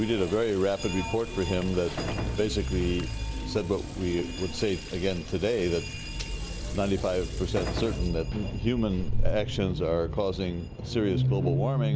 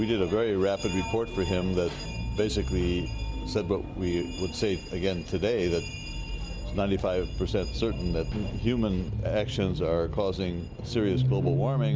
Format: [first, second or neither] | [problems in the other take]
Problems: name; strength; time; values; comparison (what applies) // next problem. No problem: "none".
second | background sound (Gunshot, gunfire + Sink (filling or washing) / Water tap, faucet); 8 dB below the speech